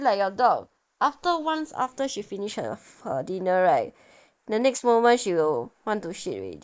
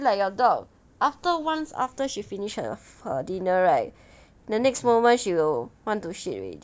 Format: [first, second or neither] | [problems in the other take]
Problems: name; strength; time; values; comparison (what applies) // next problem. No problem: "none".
second | noise reduction (neural mask model Resemble Enhance denoiser)